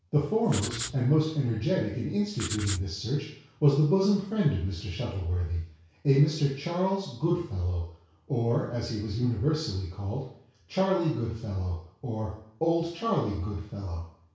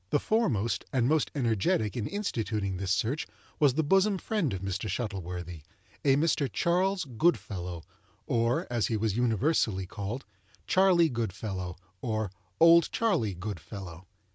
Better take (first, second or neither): second